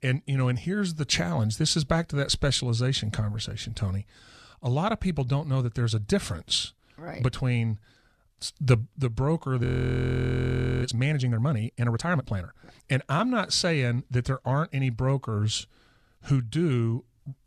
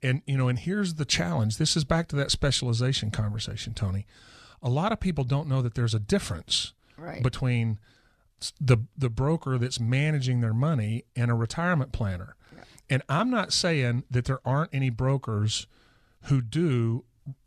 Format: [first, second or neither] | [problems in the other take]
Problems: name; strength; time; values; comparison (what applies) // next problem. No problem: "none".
second | audio freezing; at 9.5 s for 1 s